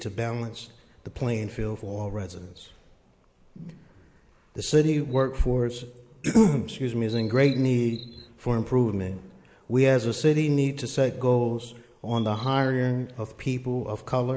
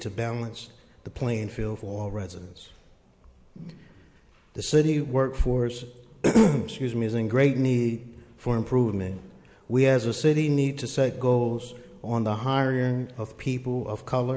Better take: second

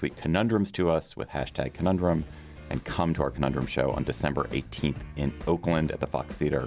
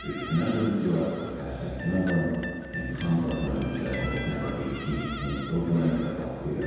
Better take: first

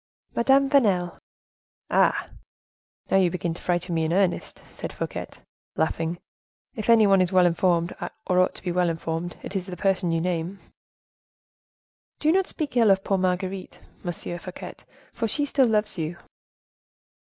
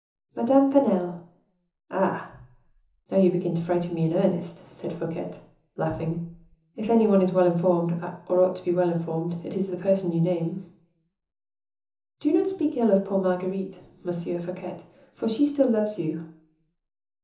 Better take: first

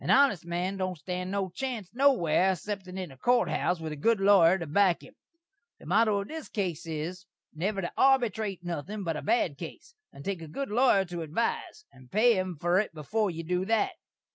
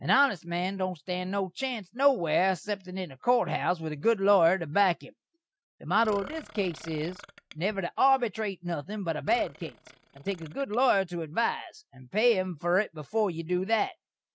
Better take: first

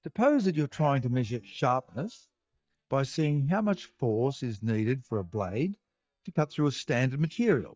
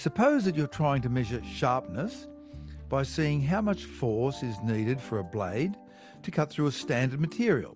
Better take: second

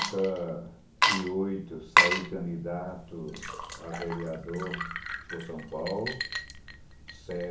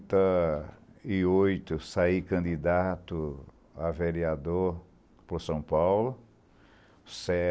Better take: second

